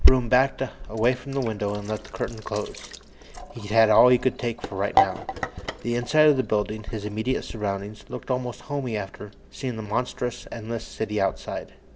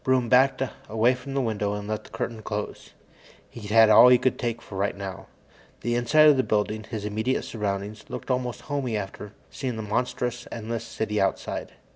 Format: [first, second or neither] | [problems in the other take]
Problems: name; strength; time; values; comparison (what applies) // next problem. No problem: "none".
second | background sound (Sink (filling or washing)); 4 dB below the speech